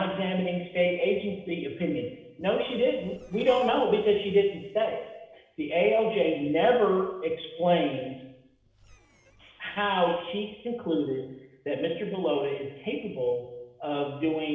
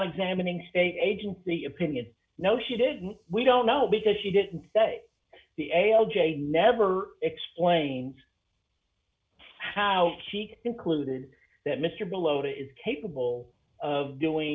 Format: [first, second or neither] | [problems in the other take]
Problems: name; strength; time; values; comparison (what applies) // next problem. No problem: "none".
second | noise reduction (neural separator model SepFormer DNS4)